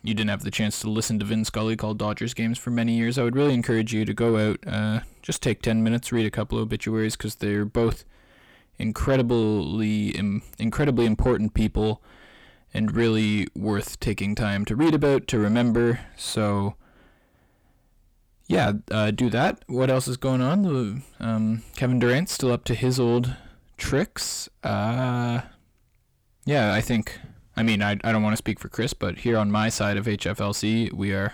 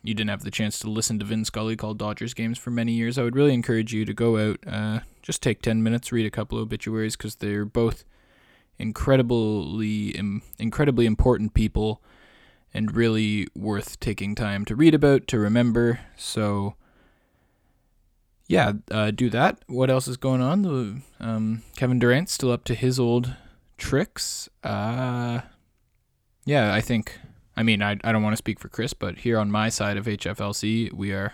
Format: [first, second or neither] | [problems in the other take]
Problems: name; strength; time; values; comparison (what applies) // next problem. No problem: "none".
second | distortion; slight; 10 dB below the speech